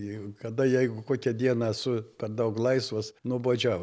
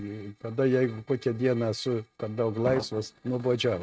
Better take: first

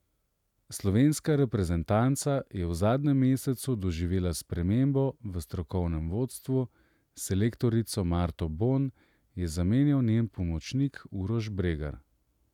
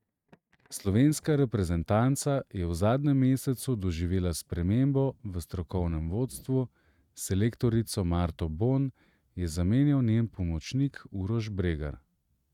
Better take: first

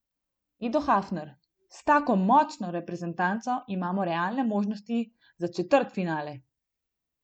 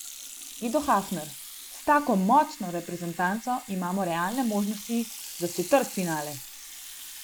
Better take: first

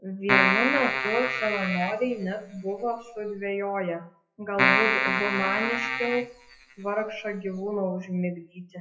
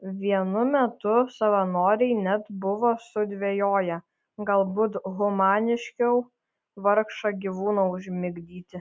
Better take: second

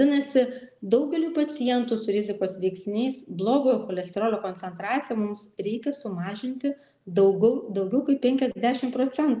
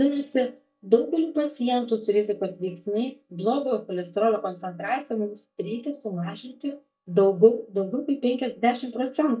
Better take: first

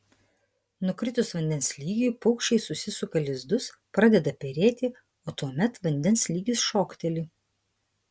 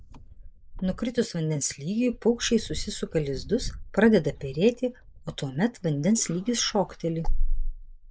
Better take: first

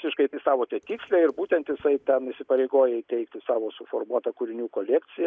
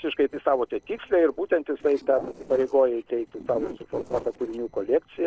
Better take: first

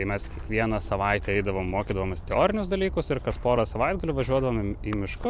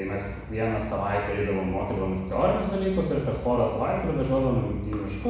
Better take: first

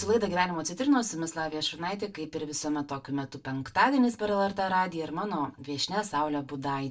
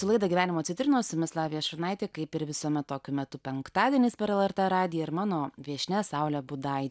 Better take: second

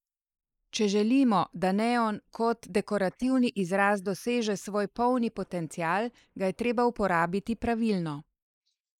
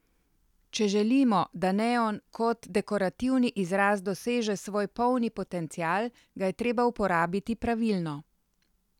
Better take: second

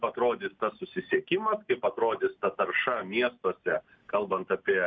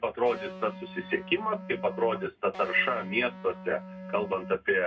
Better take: first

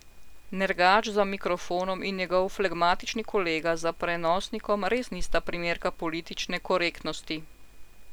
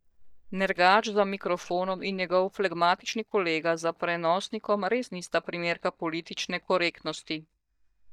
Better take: first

